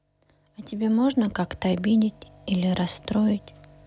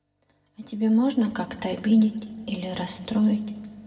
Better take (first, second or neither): first